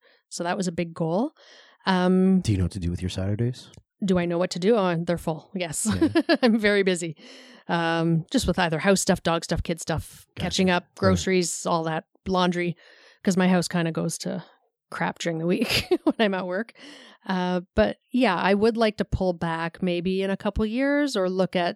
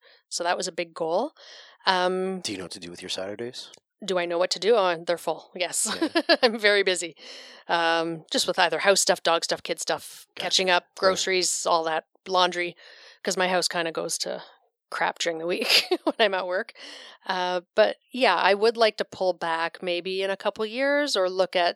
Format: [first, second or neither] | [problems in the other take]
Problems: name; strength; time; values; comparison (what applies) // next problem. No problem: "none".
first | thin; very; fading below 550 Hz